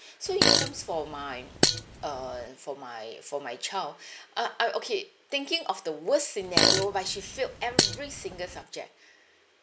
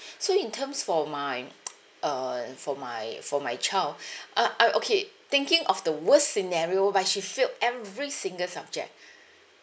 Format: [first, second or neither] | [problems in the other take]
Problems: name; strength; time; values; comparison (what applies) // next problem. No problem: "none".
second | background sound (Fart); 5 dB above the speech